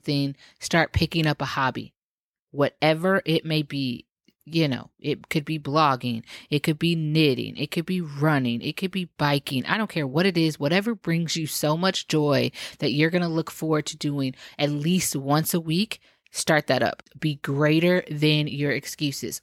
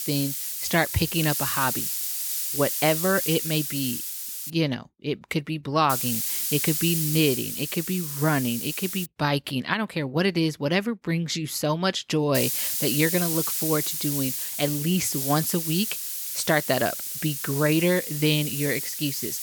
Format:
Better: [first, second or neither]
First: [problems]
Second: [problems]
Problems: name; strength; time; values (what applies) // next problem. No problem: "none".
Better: first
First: none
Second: hiss; loud; until 4.5 s, from 6 to 9 s and from 12 s on; 1 dB below the speech